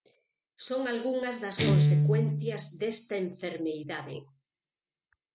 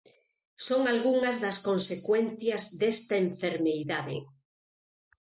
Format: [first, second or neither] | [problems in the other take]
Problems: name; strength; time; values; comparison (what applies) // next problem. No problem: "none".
second | background sound (Guitar); 4 dB above the speech